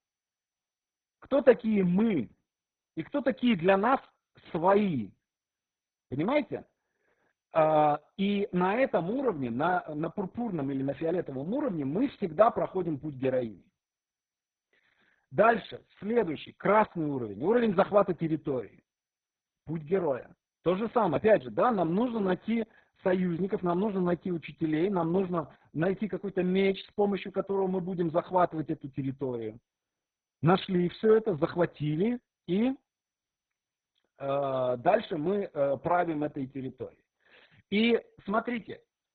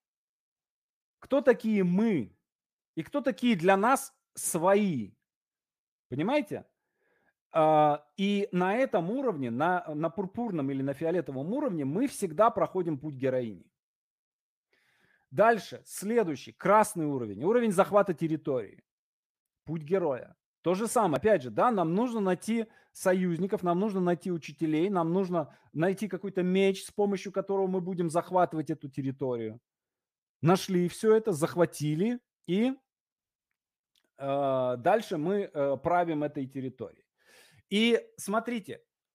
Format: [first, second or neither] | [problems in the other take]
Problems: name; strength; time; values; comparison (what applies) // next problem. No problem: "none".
second | garbled, watery; badly; nothing above 4 kHz